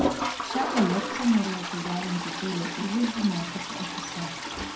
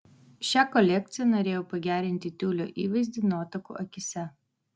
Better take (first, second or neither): second